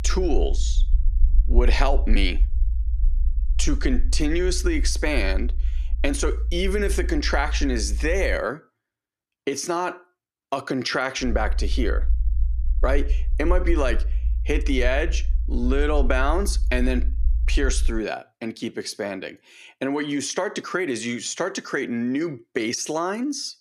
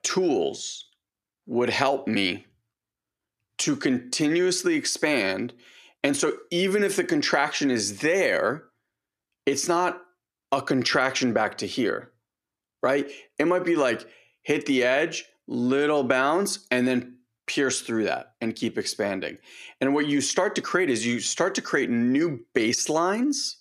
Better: second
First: low rumble; faint; until 8.5 s and from 11 to 18 s; 20 dB below the speech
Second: none

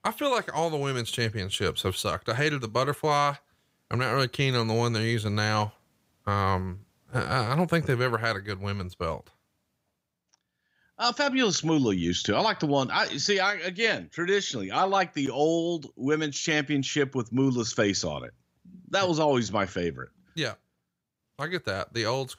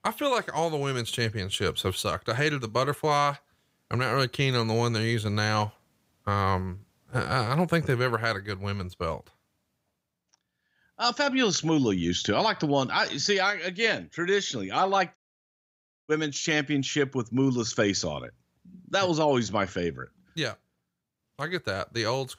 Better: first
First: none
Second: audio cutting out; at 15 s for 1 s

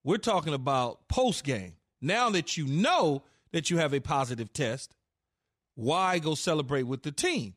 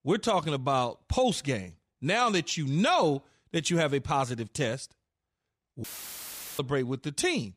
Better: first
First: none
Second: audio cutting out; filled with static; at 6 s for 1 s

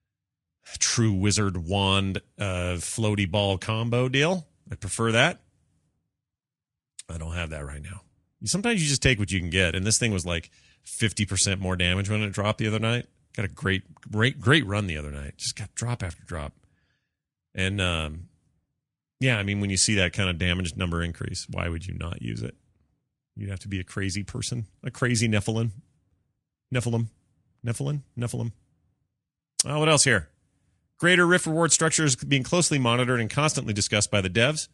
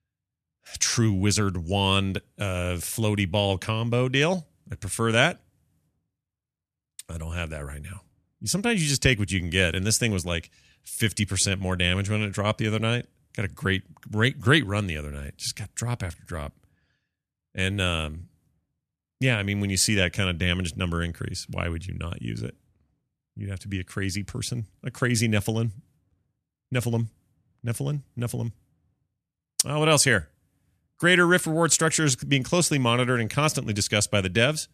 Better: second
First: garbled, watery; slightly; nothing above 10 kHz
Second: none

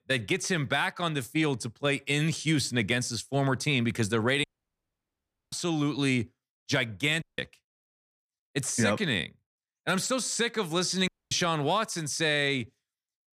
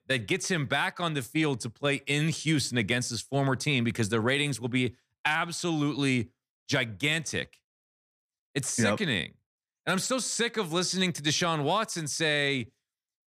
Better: second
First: audio cutting out; at 4.5 s for 1 s, at 7 s and at 11 s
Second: none

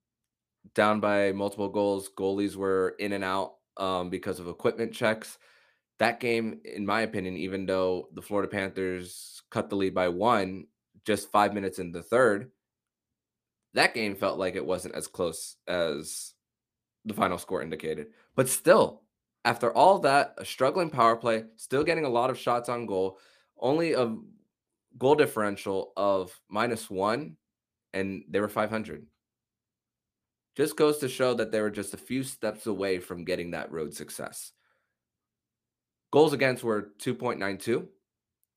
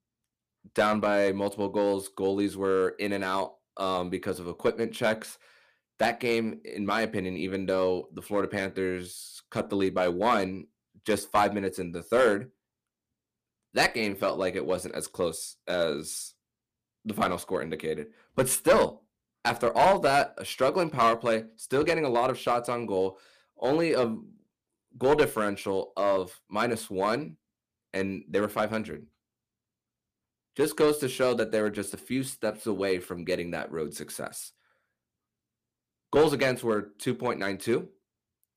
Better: first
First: none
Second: distortion; slight; 1.5% of the sound clipped

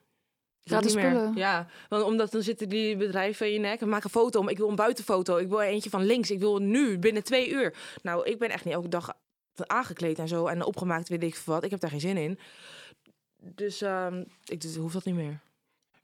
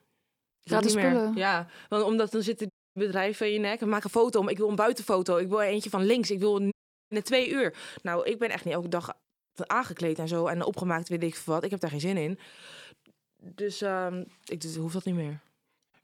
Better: first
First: none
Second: audio cutting out; at 2.5 s and at 6.5 s

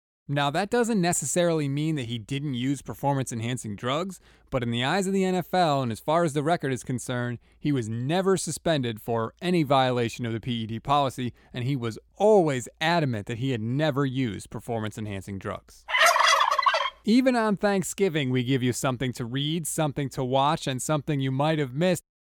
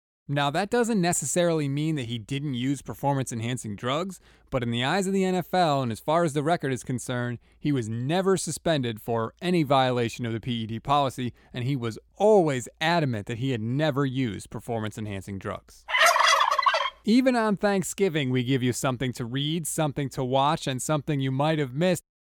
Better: neither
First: none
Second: none

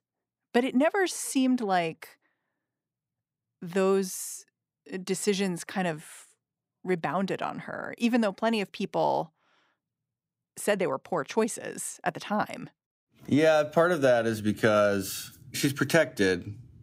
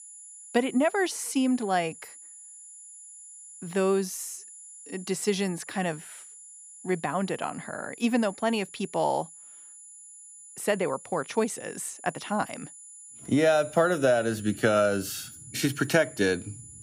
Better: first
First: none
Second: high-pitched whine; noticeable; throughout; 10 kHz, 15 dB below the speech

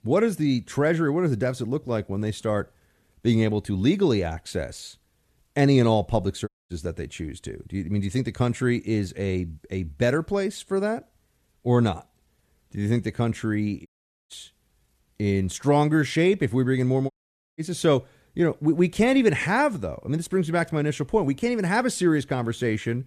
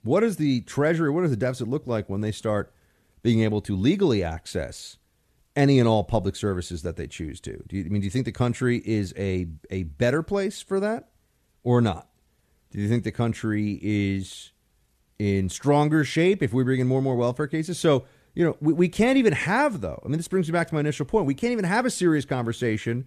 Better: second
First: audio cutting out; at 6.5 s, at 14 s and at 17 s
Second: none

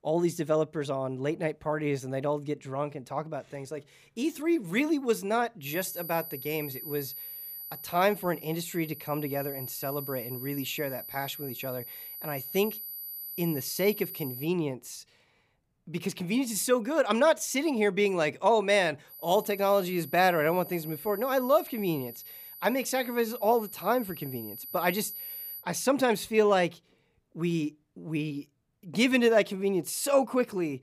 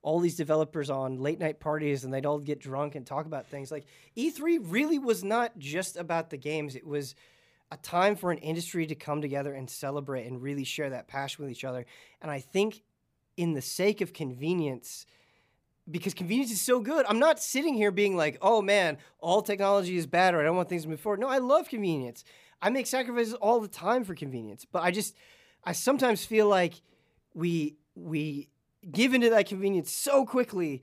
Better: second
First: high-pitched whine; noticeable; from 5.5 to 14 s and from 19 to 26 s; 12 kHz, 10 dB below the speech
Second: none

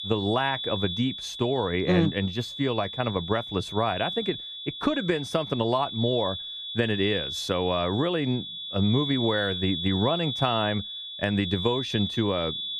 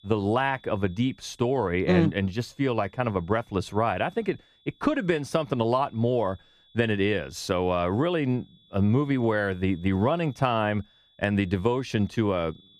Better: second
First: high-pitched whine; loud; throughout; 3.5 kHz, 5 dB below the speech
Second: high-pitched whine; faint; throughout; 3.5 kHz, 30 dB below the speech

